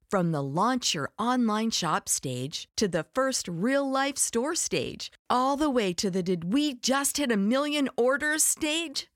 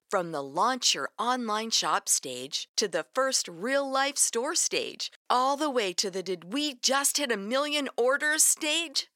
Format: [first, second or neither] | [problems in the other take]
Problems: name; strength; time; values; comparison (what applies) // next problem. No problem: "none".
first | thin; somewhat; fading below 400 Hz